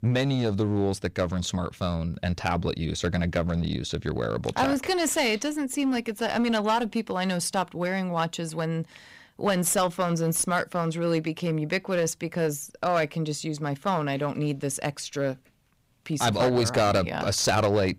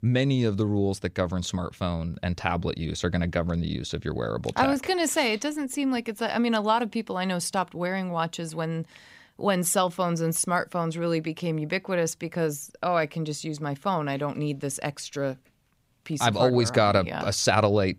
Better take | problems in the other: second | distortion; slight; 6% of the sound clipped

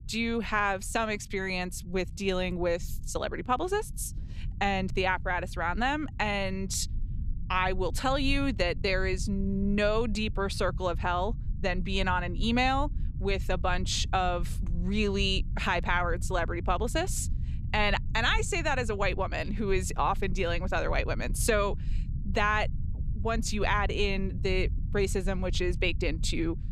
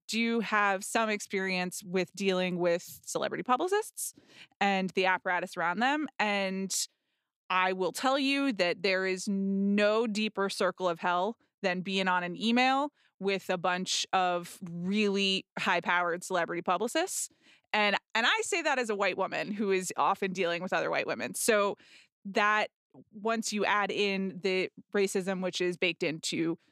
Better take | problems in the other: second | low rumble; faint; throughout; 20 dB below the speech

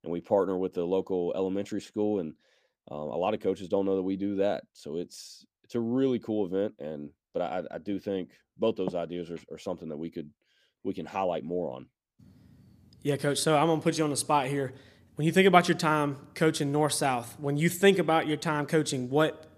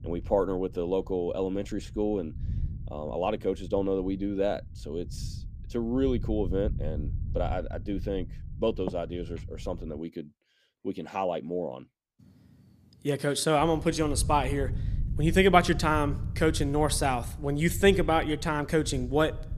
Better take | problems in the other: first | low rumble; faint; until 10 s and from 14 s on; 25 dB below the speech

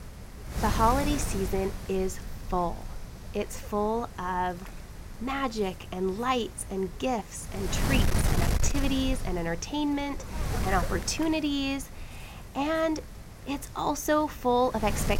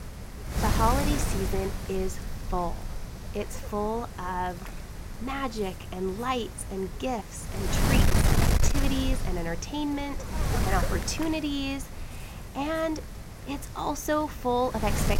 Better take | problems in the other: first | wind noise on the microphone; heavy; 6 dB below the speech; occasional gusts in the first

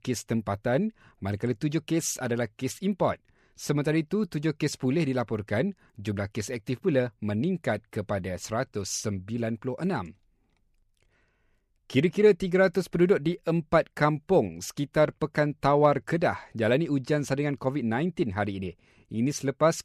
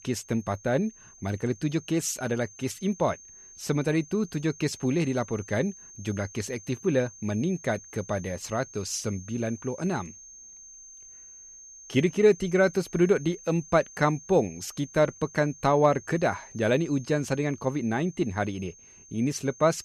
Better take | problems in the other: first | high-pitched whine; noticeable; throughout; 6.5 kHz, 20 dB below the speech

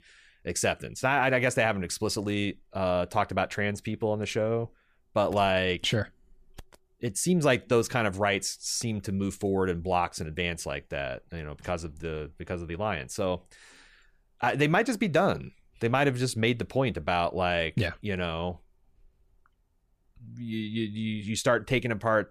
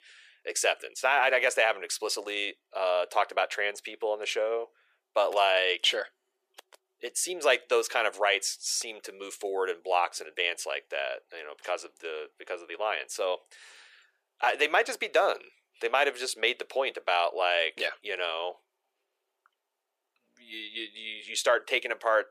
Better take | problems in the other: first | thin; very; fading below 400 Hz

